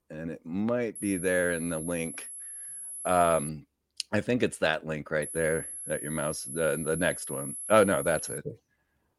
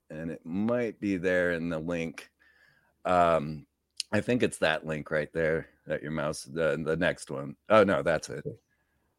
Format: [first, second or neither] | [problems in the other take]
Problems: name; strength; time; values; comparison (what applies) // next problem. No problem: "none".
second | high-pitched whine; loud; from 1 to 3.5 s and from 5 to 8.5 s; 11 kHz, 8 dB below the speech